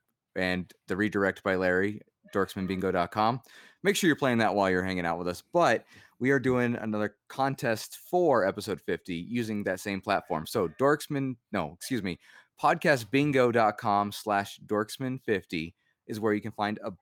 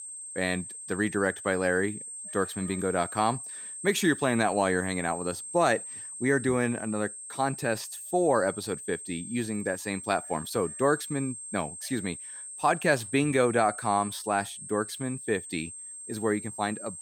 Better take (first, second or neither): first